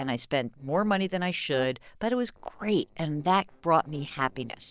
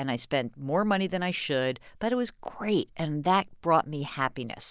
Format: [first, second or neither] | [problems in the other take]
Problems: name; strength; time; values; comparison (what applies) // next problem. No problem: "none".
second | noise reduction (neural separator model SepFormer DNS4)